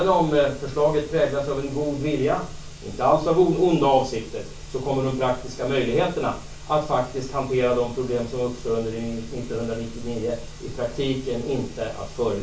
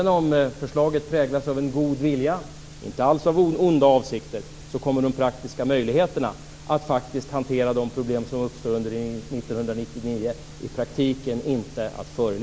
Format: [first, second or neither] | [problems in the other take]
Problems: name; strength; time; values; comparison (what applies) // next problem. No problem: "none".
second | room echo; dies away in 0.3 s